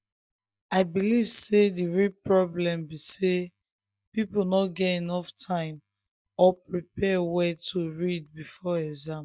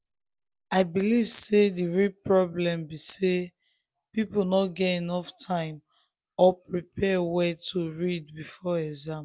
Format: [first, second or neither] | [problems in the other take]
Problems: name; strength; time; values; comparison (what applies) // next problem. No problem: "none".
second | noise reduction (neural mask model DeepFilterNet 3)